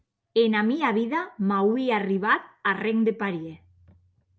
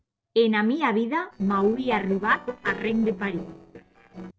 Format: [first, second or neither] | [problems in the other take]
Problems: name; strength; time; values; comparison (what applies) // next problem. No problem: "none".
first | noise reduction (neural separator model SepFormer DNS4)